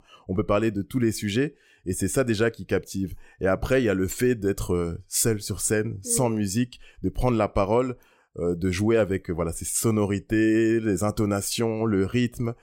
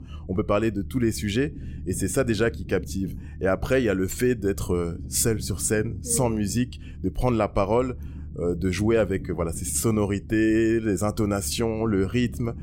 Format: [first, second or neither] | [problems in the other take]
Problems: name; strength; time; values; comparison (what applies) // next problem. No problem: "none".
first | low rumble; faint; throughout; 20 dB below the speech